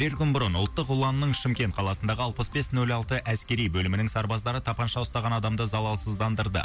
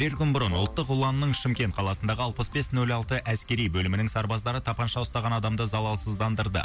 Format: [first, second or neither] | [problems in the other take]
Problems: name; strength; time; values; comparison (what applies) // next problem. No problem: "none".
first | background sound (Brass instrument); 15 dB below the speech